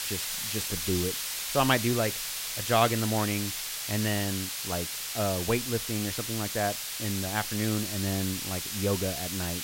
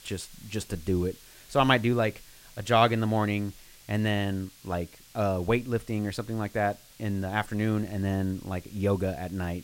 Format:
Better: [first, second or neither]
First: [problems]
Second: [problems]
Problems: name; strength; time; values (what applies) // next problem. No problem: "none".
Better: second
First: hiss; loud; throughout; 1 dB below the speech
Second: hiss; faint; throughout; 25 dB below the speech